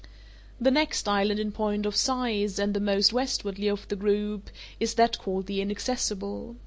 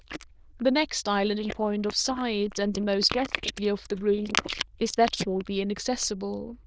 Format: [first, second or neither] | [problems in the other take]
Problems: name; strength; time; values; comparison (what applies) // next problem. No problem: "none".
first | noise reduction (neural diffusion model UNIVERSE++)